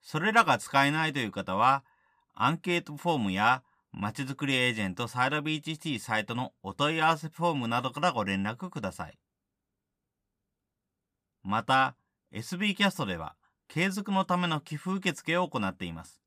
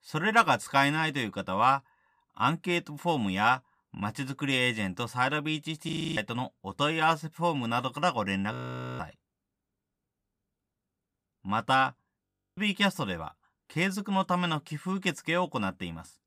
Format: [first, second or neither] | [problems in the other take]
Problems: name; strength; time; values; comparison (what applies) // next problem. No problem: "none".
first | audio freezing; at 6 s, at 8.5 s and at 12 s